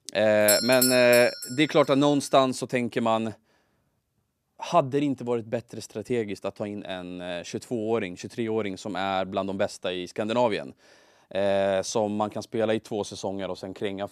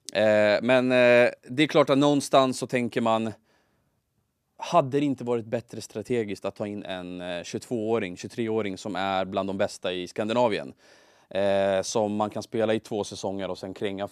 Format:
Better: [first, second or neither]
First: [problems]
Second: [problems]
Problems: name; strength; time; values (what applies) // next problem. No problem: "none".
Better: second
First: doorbell; loud; at 0.5 s; peak 4 dB above the speech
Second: none